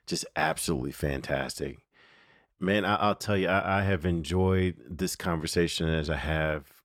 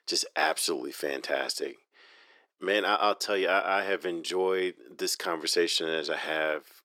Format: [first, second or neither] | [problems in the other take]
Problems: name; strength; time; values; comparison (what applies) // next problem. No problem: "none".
first | thin; very; fading below 350 Hz